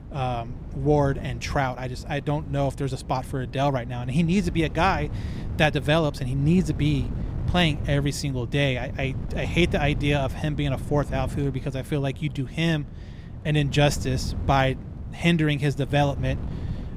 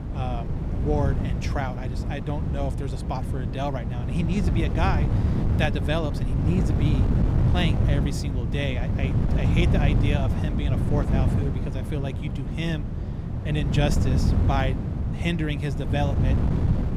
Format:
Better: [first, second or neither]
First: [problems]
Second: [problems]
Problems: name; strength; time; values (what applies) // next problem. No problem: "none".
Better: first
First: wind noise on the microphone; occasional gusts; 20 dB below the speech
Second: wind noise on the microphone; heavy; 4 dB below the speech